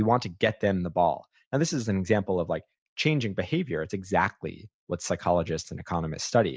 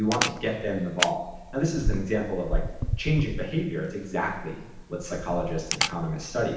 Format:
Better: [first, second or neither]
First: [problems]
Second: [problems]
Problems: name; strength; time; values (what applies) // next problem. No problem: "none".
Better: first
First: none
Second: background sound (Camera); 3 dB below the speech // room echo; dies away in 0.9 s